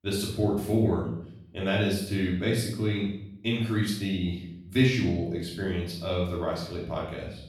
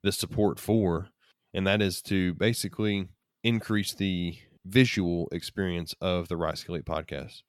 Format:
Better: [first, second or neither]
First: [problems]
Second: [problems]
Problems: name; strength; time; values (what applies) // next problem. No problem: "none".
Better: second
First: off-mic speech; far // room echo; noticeable; dies away in 0.7 s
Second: none